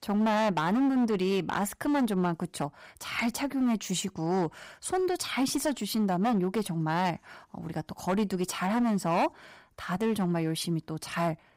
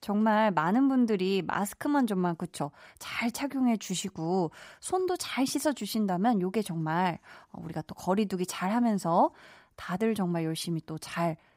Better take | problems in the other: second | distortion; slight; 10% of the sound clipped

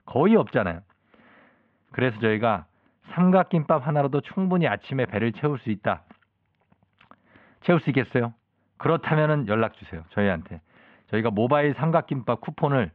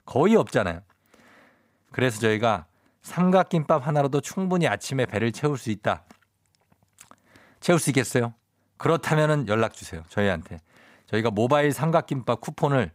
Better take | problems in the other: second | muffled; very; fading above 3 kHz

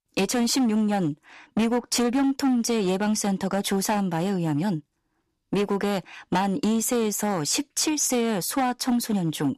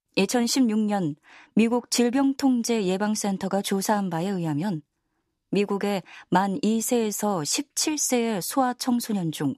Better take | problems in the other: second | distortion; slight; 12% of the sound clipped

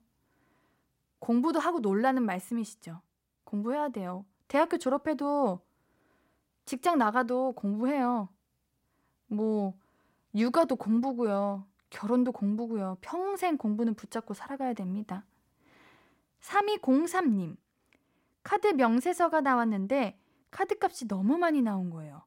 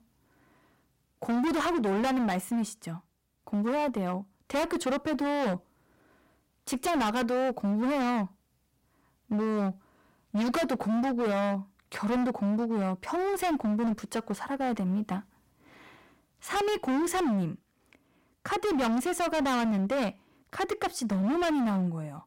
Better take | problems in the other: first | distortion; heavy; 22% of the sound clipped

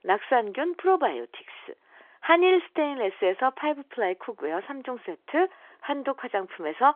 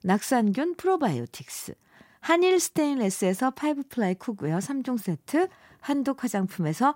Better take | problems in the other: second | phone-call audio; nothing above 3.5 kHz

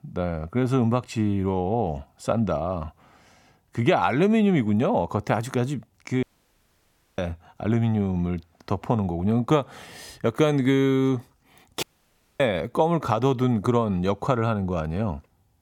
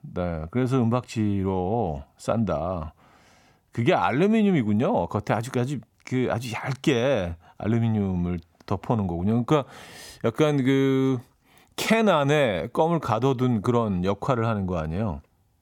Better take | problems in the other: second | audio cutting out; at 6 s for 1 s and at 12 s for 0.5 s

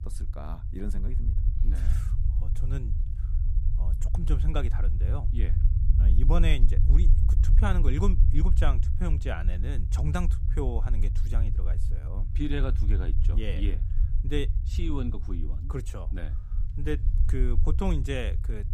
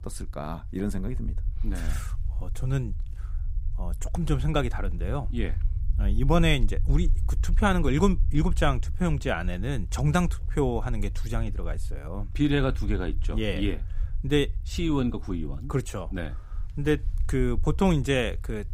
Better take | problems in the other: second | low rumble; loud; throughout; 9 dB below the speech; faint in the second

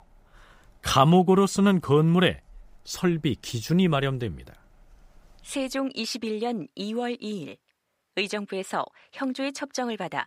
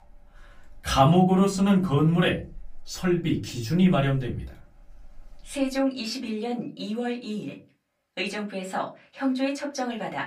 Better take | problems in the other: first | off-mic speech; far // room echo; very slight; dies away in 0.3 s

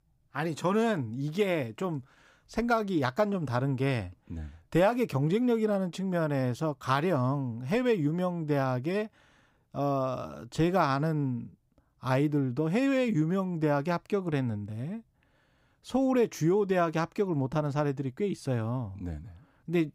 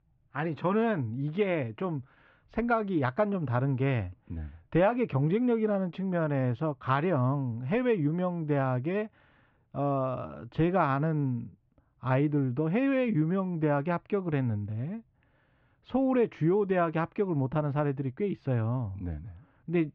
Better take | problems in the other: first | muffled; very; fading above 3 kHz

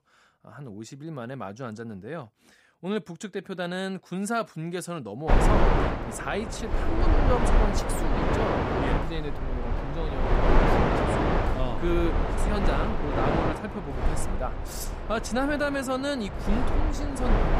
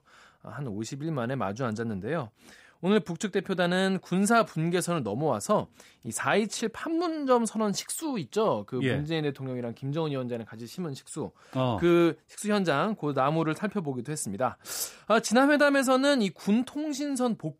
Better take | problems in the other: second | wind noise on the microphone; heavy; from 5.5 s on; 4 dB above the speech

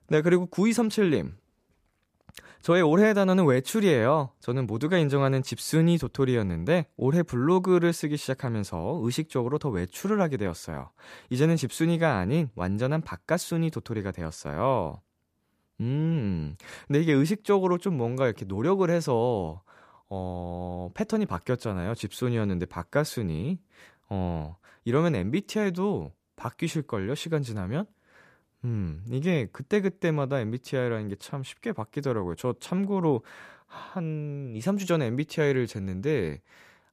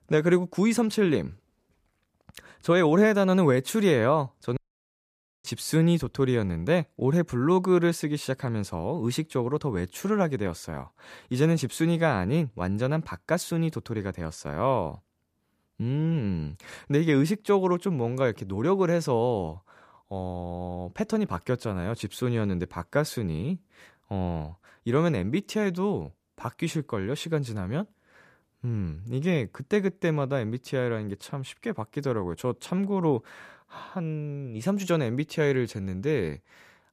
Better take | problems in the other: first | audio cutting out; at 4.5 s for 1 s

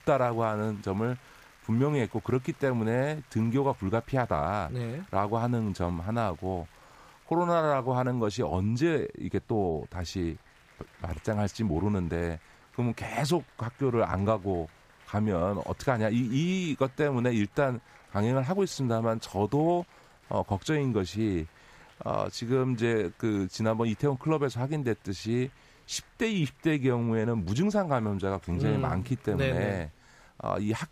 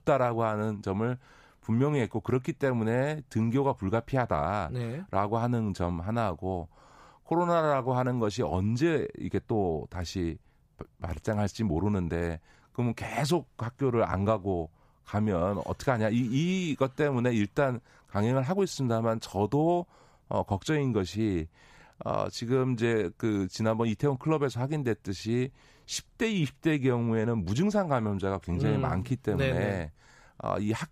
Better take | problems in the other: second | crowd noise; faint; throughout; 30 dB below the speech

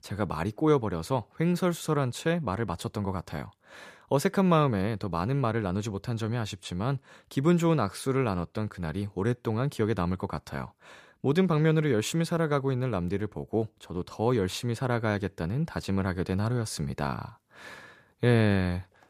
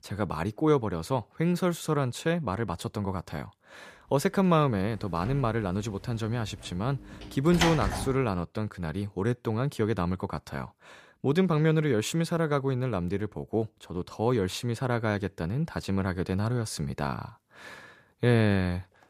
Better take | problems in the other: first | door banging; loud; from 5.5 to 8 s; peak 1 dB above the speech

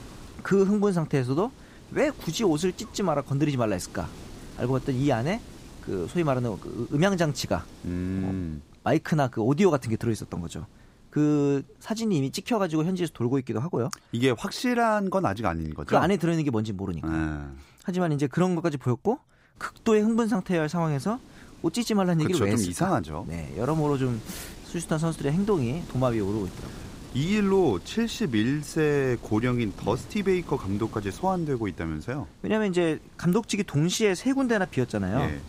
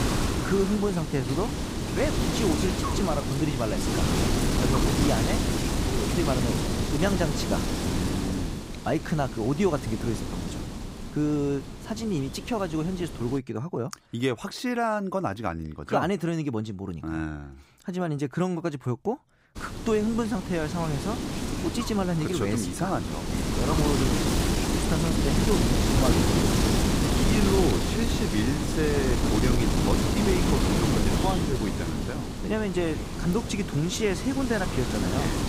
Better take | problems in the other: first | wind noise on the microphone; heavy; until 13 s and from 20 s on; 1 dB above the speech; occasional gusts in the first

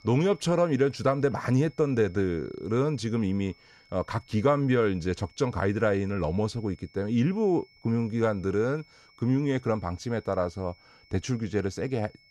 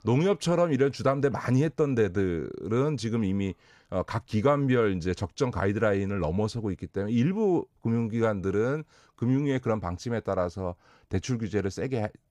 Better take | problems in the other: second | high-pitched whine; faint; throughout; 2 kHz, 30 dB below the speech

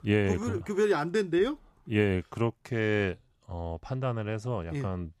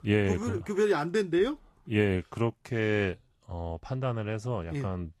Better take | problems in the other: first | garbled, watery; slightly; nothing above 12.5 kHz

